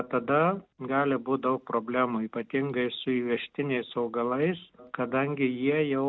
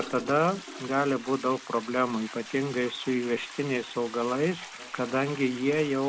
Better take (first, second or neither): first